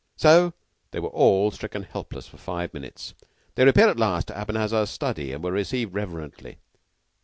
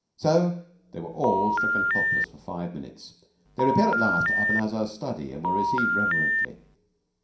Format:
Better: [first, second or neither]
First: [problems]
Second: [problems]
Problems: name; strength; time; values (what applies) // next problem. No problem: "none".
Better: first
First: none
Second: background sound (Telephone); 3 dB above the speech // room echo; dies away in 0.5 s